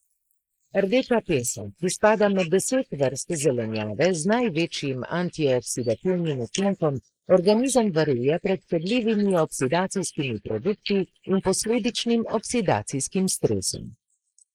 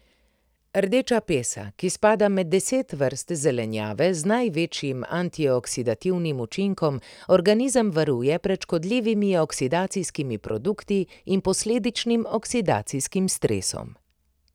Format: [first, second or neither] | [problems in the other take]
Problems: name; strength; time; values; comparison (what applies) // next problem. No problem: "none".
second | noise reduction (neural mask model Resemble Enhance denoiser)